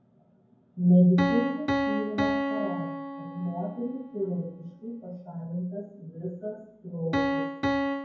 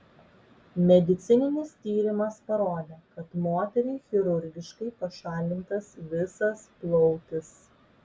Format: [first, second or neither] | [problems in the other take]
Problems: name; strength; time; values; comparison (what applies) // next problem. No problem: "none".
second | background sound (Piano); 3 dB below the speech // room echo; dies away in 0.9 s